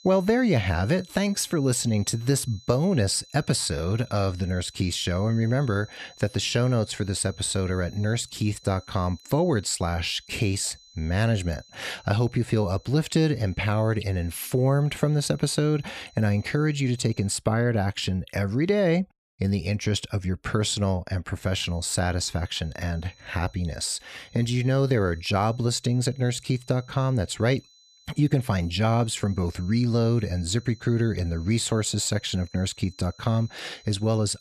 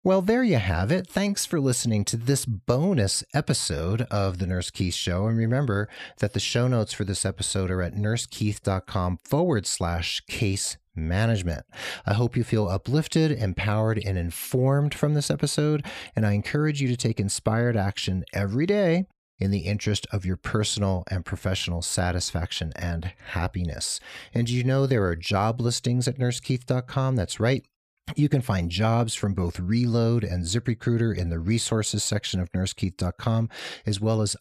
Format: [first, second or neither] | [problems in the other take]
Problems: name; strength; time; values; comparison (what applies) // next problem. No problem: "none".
second | high-pitched whine; faint; until 17 s and from 21 s on; 4 kHz, 25 dB below the speech